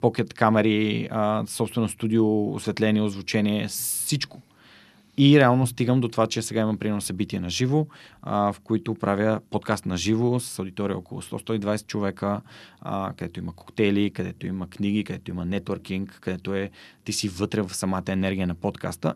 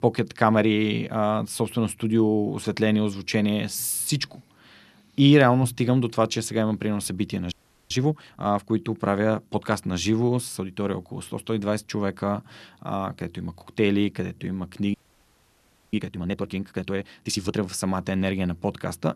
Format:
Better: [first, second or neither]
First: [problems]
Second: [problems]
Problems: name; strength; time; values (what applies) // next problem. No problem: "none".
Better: first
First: none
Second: audio freezing; at 7.5 s and at 15 s for 1 s